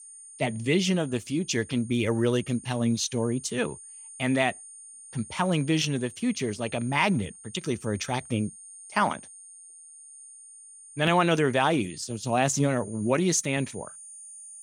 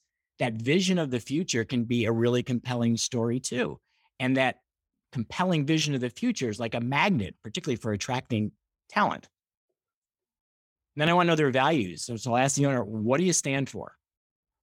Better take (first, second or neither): second